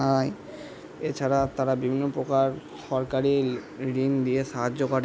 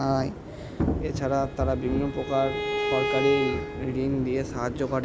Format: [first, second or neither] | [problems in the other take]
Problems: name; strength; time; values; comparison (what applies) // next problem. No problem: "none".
first | background sound (Bowed string instrument + Thunder / Rain); 2 dB below the speech